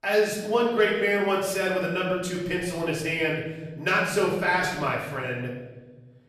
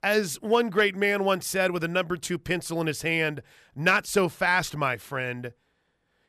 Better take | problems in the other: second | off-mic speech; far // room echo; noticeable; dies away in 1.2 s

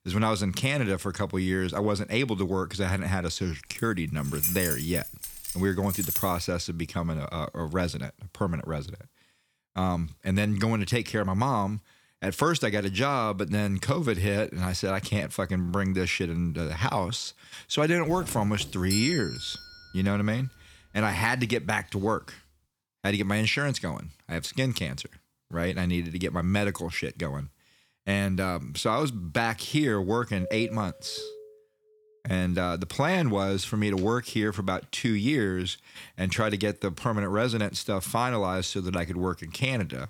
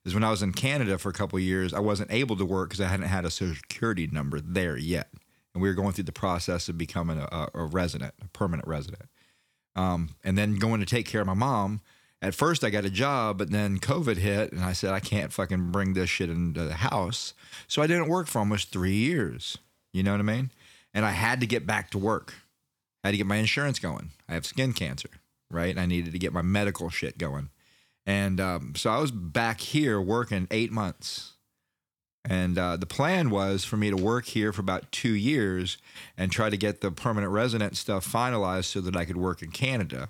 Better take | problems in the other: second | jangling keys; loud; from 4 to 6.5 s; peak 3 dB above the speech // doorbell; noticeable; from 18 to 20 s; peak 1 dB below the speech // doorbell; faint; from 30 to 32 s; peak 10 dB below the speech

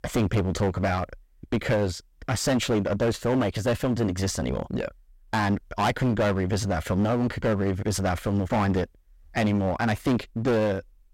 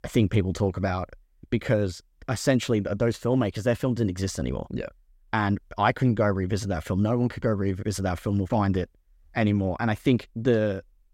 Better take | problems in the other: second | distortion; heavy; 16% of the sound clipped

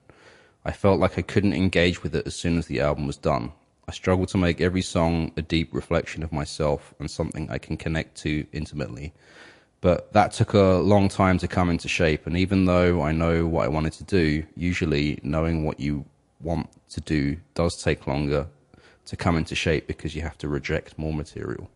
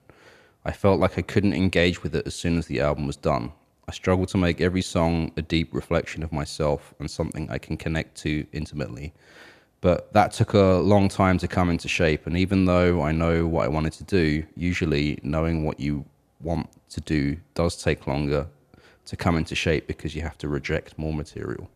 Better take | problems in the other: second | garbled, watery; slightly; nothing above 10 kHz

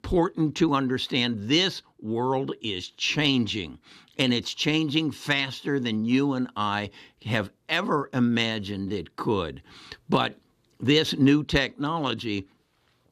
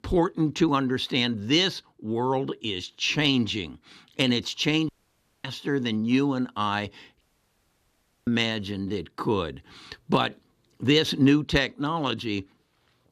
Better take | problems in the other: first | audio cutting out; at 5 s for 0.5 s and at 7 s for 1 s

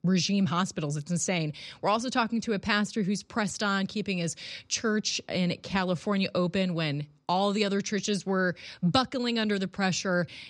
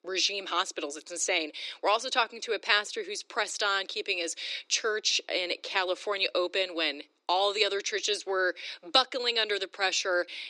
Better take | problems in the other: first | thin; very; fading below 300 Hz

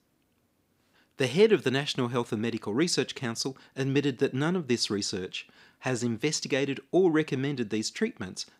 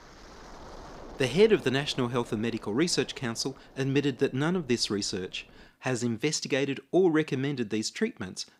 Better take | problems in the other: first | wind noise on the microphone; occasional gusts; until 5.5 s; 20 dB below the speech

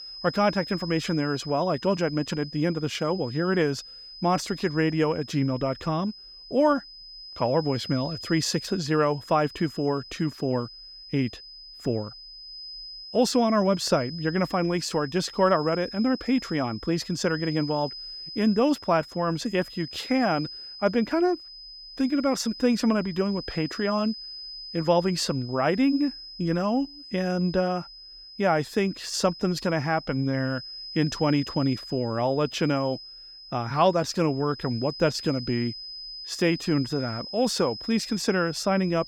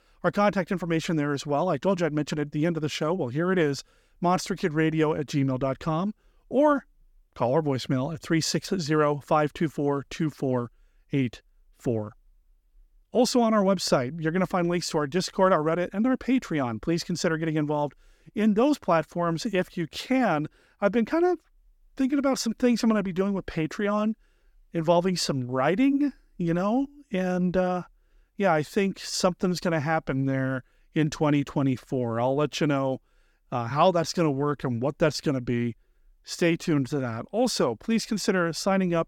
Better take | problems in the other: second | high-pitched whine; noticeable; throughout; 5 kHz, 15 dB below the speech

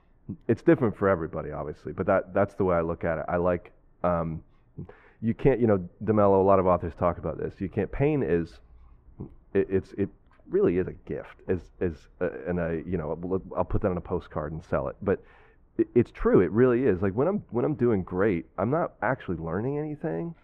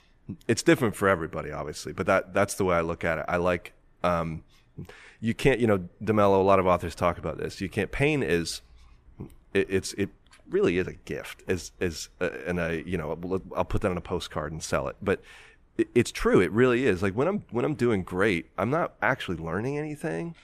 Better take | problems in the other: second | muffled; very; fading above 3 kHz

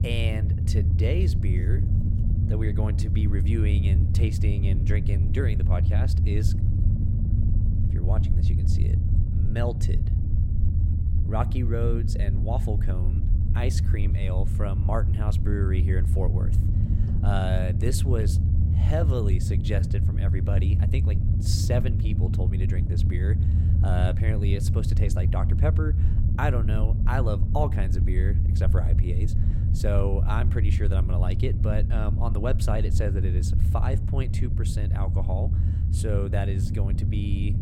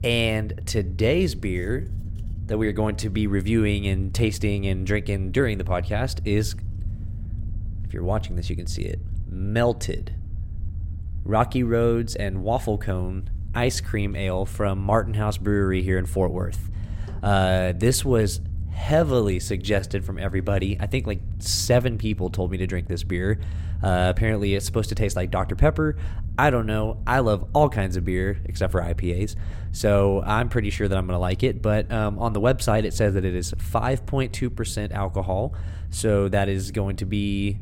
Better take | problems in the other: second | low rumble; loud; throughout; 4 dB below the speech; faint in the second

